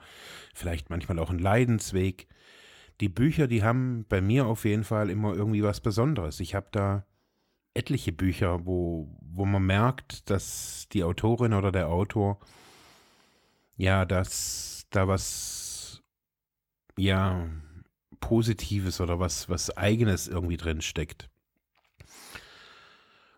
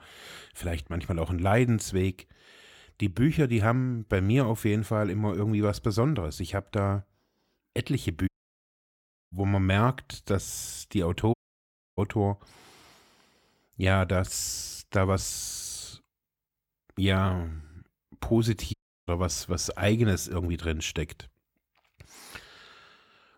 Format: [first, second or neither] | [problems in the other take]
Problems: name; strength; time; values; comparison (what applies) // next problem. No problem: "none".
first | audio cutting out; at 8.5 s for 1 s, at 11 s for 0.5 s and at 19 s